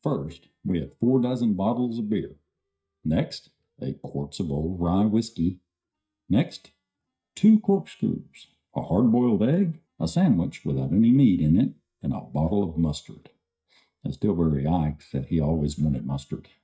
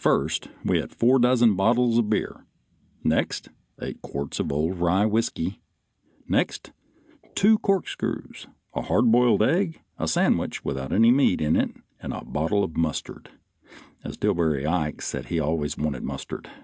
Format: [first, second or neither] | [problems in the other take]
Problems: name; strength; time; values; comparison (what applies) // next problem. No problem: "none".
second | noise reduction (neural mask model DeepFilterNet 3)